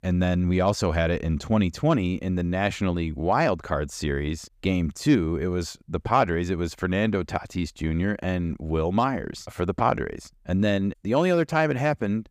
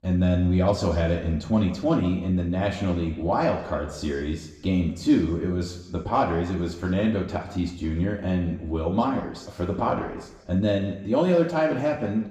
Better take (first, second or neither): first